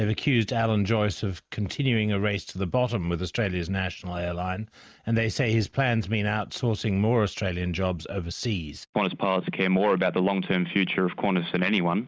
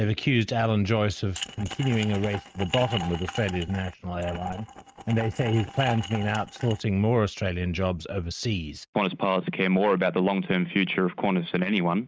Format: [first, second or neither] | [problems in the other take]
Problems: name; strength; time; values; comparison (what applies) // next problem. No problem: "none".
first | noise reduction (neural mask model RNNoise)